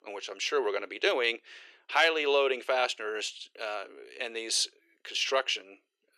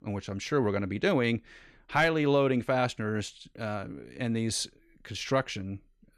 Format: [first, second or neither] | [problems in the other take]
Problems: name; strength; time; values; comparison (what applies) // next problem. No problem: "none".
second | thin; very; fading below 400 Hz